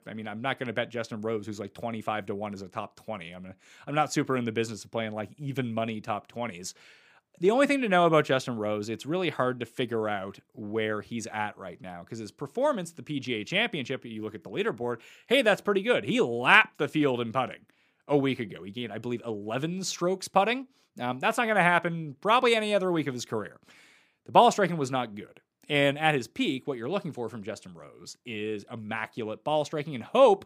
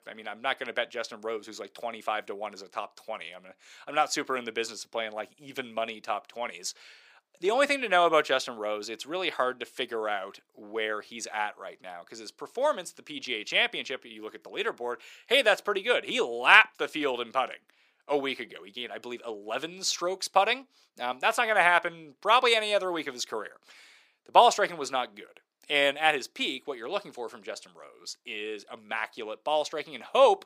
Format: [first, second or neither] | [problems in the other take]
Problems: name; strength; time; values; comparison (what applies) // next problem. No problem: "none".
first | thin; somewhat; fading below 500 Hz